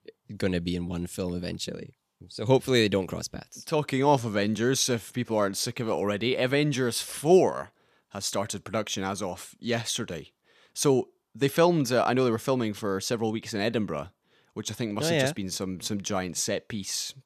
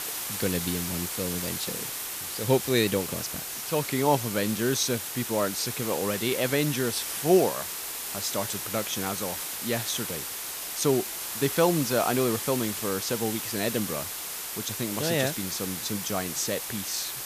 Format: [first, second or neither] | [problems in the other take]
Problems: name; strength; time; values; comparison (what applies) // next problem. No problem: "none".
first | hiss; loud; throughout; 3 dB below the speech